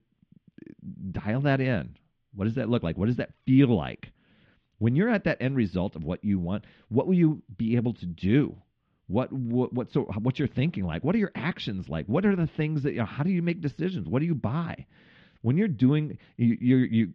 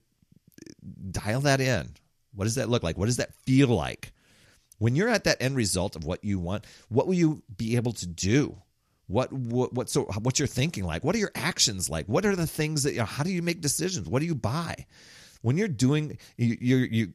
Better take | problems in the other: second | muffled; very; fading above 3.5 kHz

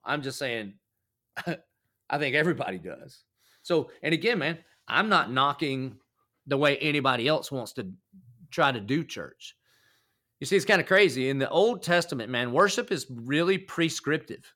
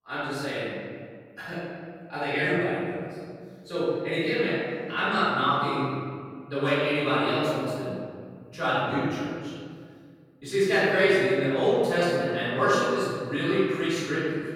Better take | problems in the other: first | off-mic speech; far // room echo; strong; dies away in 1.9 s

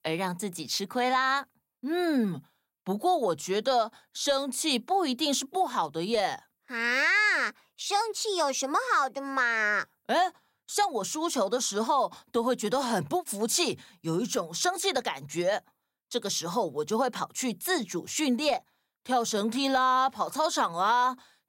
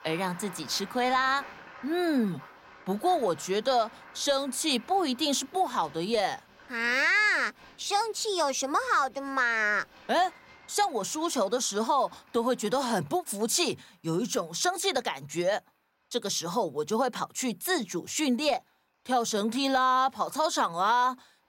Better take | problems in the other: first | crowd noise; faint; throughout; 20 dB below the speech

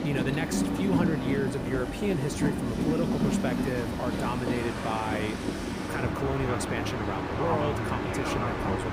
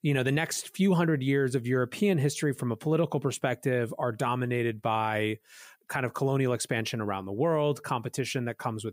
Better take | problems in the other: second | train or aircraft noise; very loud; throughout; 2 dB above the speech

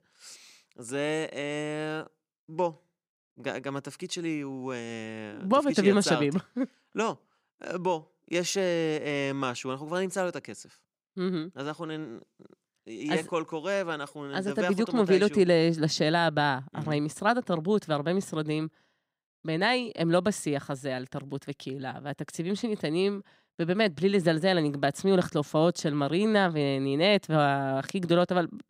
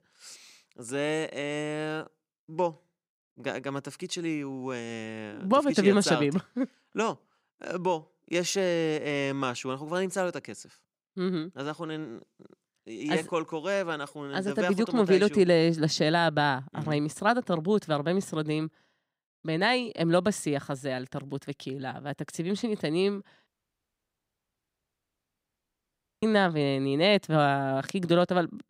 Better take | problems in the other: first | audio cutting out; at 23 s for 3 s

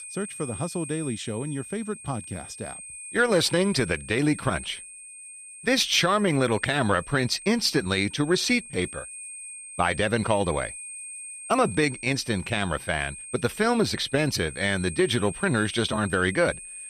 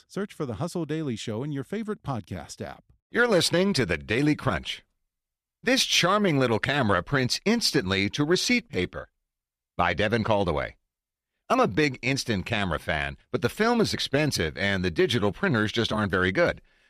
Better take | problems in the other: second | high-pitched whine; noticeable; throughout; 8.5 kHz, 15 dB below the speech

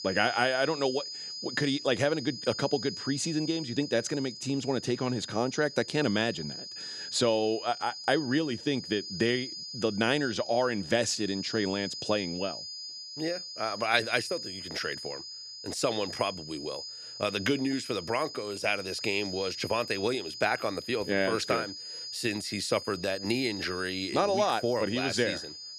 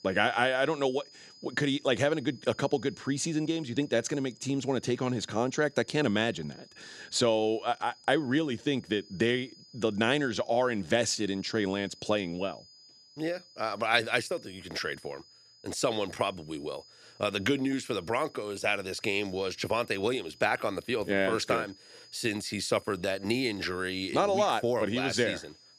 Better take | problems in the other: second | high-pitched whine; loud; throughout; 5 kHz, 9 dB below the speech; faint in the second

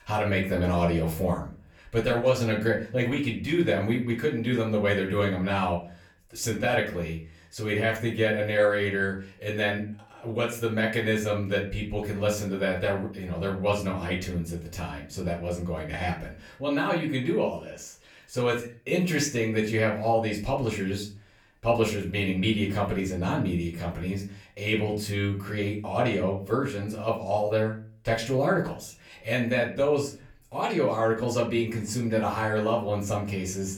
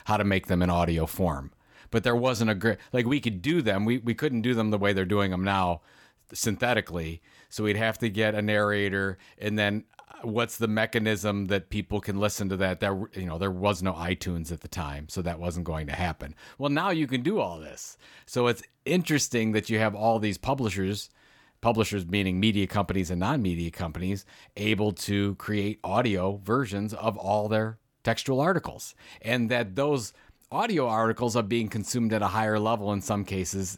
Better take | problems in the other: second | off-mic speech; far // room echo; slight; dies away in 0.3 s

